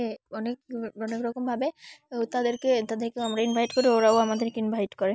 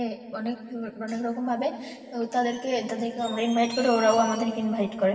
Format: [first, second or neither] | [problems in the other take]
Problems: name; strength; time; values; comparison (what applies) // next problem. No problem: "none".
first | room echo; dies away in 2.5 s